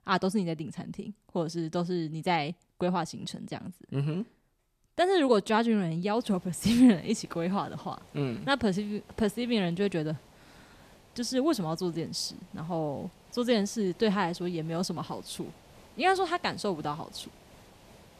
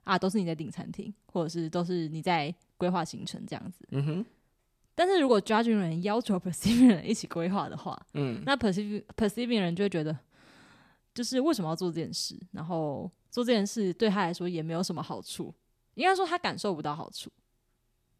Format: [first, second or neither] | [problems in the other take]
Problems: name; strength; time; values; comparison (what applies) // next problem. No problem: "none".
second | hiss; faint; from 6 s on; 25 dB below the speech